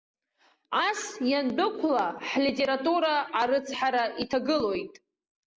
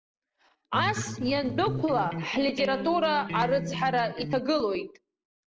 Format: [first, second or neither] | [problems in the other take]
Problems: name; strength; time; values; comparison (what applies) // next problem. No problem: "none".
first | noise reduction (neural separator model SepFormer DNS4)